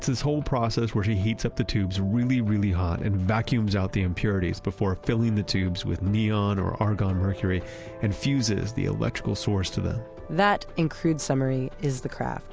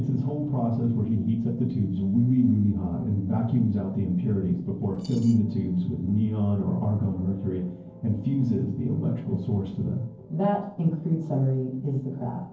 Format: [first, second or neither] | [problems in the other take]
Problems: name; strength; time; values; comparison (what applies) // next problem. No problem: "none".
first | noise reduction (neural separator model SepFormer DNS4)